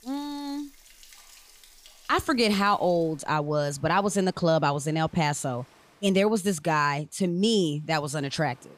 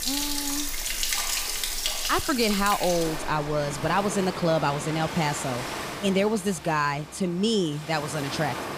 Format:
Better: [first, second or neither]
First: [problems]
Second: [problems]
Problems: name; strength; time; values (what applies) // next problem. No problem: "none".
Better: first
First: rain or running water; faint; throughout; 30 dB below the speech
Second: rain or running water; loud; throughout; 3 dB below the speech